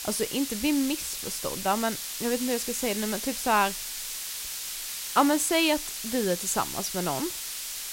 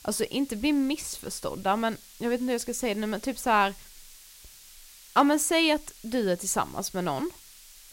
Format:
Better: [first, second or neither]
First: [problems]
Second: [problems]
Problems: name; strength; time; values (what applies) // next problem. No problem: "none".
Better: second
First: hiss; loud; throughout; 5 dB below the speech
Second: hiss; faint; throughout; 20 dB below the speech